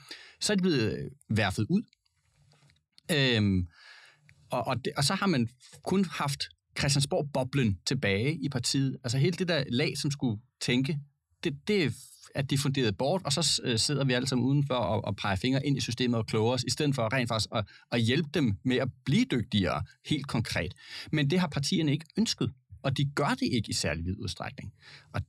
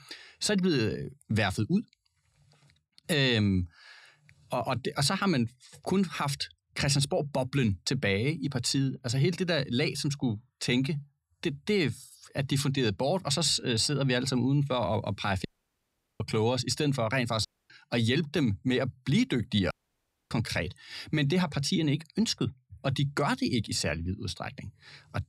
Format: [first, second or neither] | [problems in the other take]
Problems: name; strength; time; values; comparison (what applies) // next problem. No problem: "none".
first | audio cutting out; at 15 s for 1 s, at 17 s and at 20 s for 0.5 s